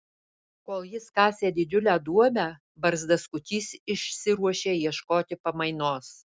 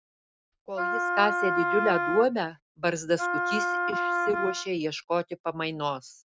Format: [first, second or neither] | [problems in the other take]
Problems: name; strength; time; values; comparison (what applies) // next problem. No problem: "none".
first | noise reduction (neural mask model RNNoise)